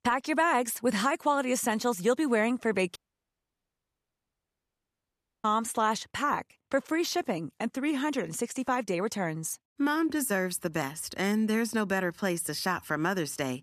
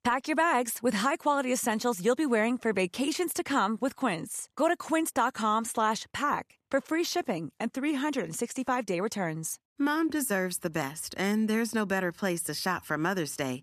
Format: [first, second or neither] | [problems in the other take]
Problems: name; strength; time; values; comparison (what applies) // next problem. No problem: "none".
second | audio cutting out; at 3 s for 2.5 s